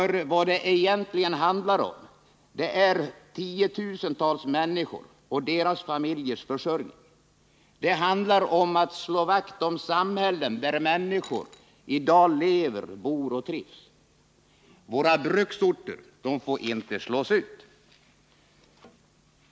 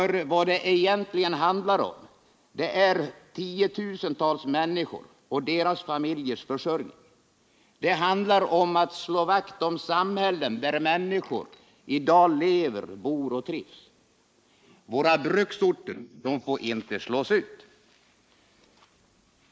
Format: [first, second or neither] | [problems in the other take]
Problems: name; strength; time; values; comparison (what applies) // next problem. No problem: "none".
first | noise reduction (neural mask model Resemble Enhance denoiser)